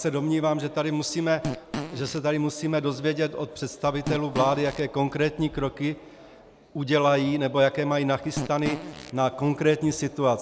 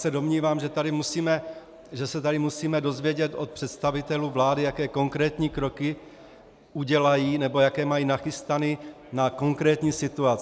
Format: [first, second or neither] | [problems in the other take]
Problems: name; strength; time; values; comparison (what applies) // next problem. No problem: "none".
second | background sound (Fart); 10 dB below the speech